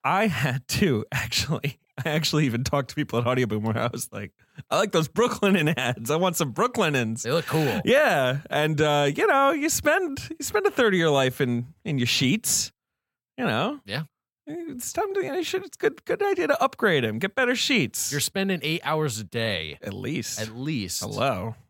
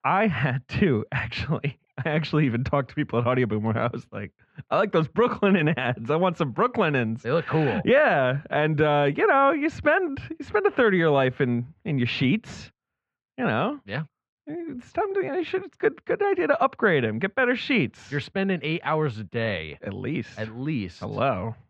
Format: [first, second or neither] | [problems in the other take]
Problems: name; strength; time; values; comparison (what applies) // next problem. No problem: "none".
first | muffled; very; fading above 2.5 kHz